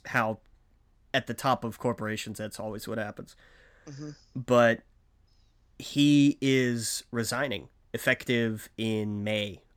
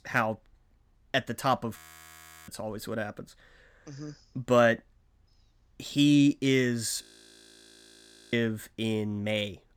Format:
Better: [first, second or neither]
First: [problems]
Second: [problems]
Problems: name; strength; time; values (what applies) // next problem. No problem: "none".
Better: first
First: none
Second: audio freezing; at 2 s for 0.5 s and at 7 s for 1.5 s